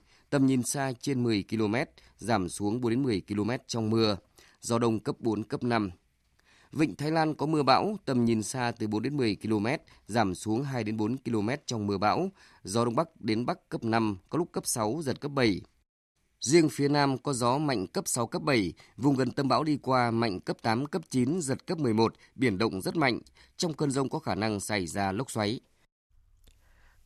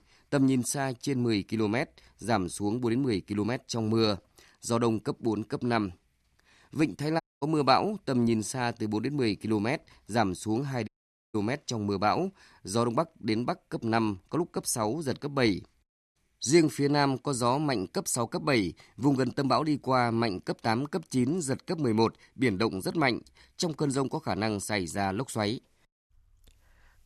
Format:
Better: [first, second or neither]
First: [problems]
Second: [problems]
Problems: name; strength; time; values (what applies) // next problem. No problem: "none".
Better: first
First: none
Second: audio cutting out; at 7 s and at 11 s